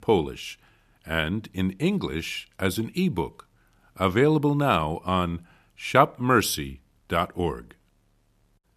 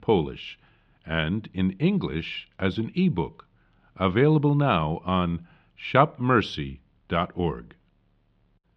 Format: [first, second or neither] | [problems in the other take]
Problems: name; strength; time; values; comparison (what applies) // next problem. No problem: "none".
first | muffled; slightly; fading above 3.5 kHz